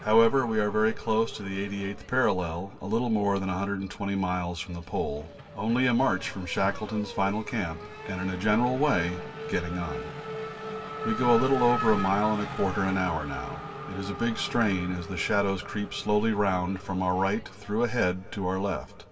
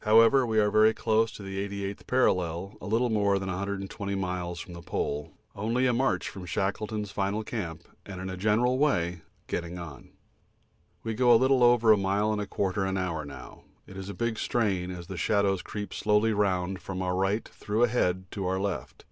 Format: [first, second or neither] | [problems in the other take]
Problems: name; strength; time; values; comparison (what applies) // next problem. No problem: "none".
second | background sound (Race car, auto racing / Accelerating, revving, vroom); 12 dB below the speech // room echo; dies away in 2 s